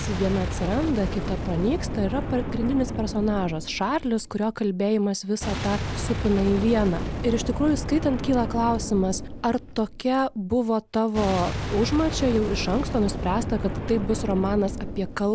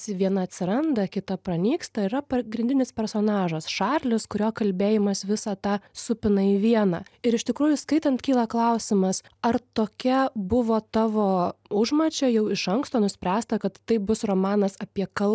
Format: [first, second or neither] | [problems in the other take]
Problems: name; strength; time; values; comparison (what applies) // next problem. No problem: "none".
second | background sound (Boom); 5 dB below the speech